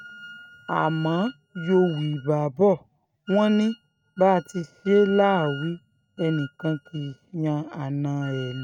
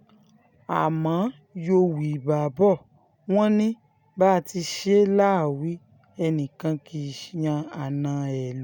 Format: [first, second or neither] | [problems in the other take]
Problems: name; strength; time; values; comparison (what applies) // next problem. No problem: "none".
second | noise reduction (neural mask model RNNoise)